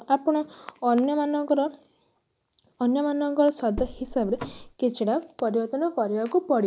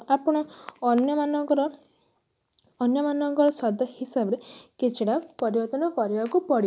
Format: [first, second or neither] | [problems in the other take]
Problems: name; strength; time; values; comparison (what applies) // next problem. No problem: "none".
second | background sound (Car); 11 dB below the speech